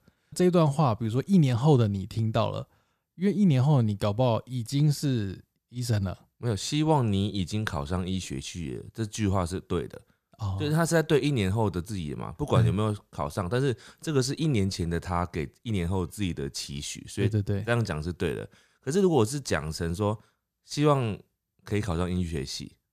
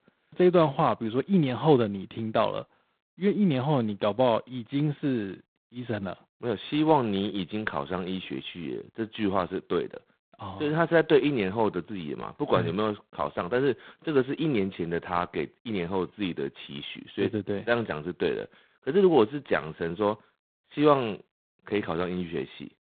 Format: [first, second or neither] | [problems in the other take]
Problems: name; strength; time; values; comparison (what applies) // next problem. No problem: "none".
first | phone-call audio; poor line; nothing above 3.5 kHz